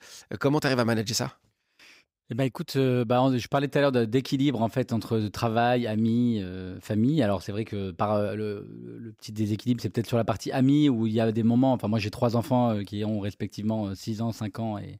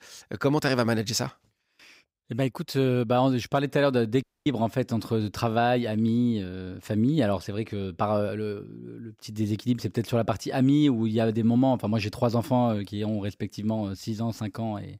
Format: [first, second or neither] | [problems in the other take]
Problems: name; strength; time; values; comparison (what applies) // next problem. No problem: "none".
first | audio cutting out; at 4 s